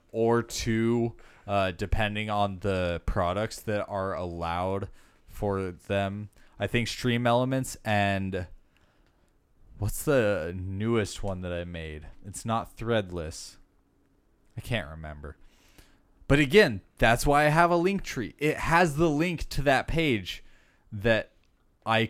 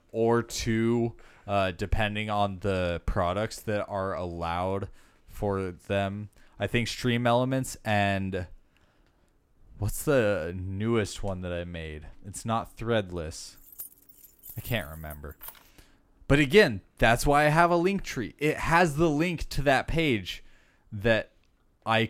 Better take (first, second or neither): first